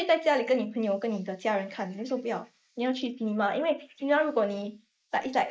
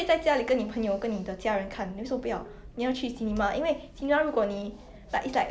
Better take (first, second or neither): second